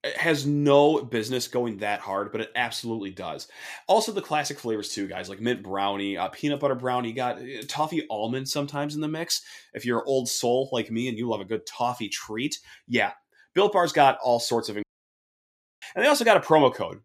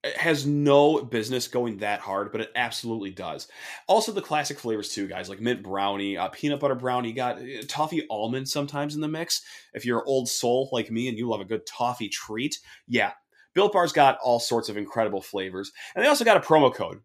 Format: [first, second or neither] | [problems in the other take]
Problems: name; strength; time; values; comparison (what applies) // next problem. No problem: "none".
second | audio cutting out; at 15 s for 1 s